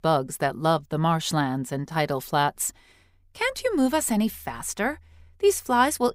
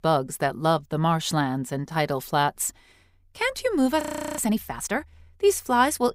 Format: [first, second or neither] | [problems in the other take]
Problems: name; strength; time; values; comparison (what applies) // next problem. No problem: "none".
first | audio freezing; at 4 s